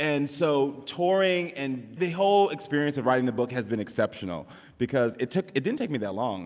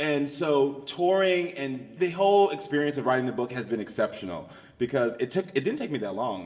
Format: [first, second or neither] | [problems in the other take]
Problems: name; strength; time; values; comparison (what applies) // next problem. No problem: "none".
first | room echo; dies away in 1 s